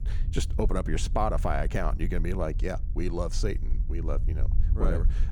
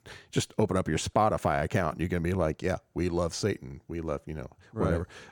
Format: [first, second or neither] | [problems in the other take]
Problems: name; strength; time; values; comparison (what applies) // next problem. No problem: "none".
second | low rumble; noticeable; throughout; 15 dB below the speech